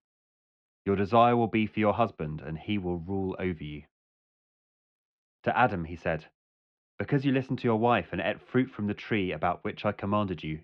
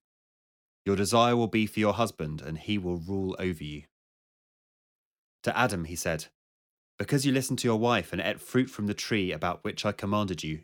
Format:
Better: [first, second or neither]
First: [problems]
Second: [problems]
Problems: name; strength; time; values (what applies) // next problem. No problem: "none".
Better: second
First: muffled; very; fading above 3 kHz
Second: none